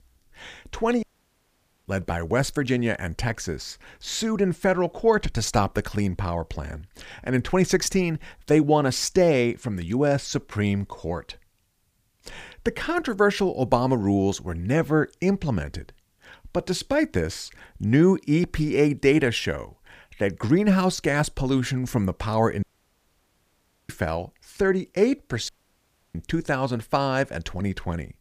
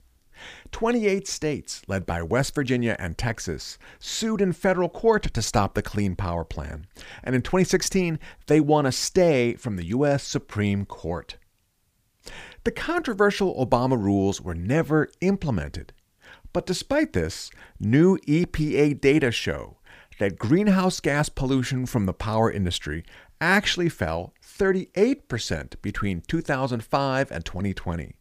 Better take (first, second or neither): second